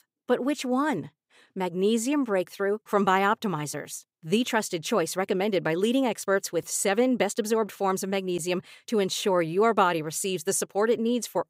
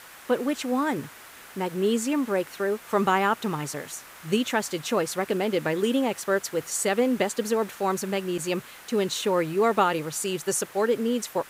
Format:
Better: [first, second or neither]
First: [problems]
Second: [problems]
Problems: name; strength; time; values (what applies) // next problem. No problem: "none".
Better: first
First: none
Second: hiss; noticeable; throughout; 20 dB below the speech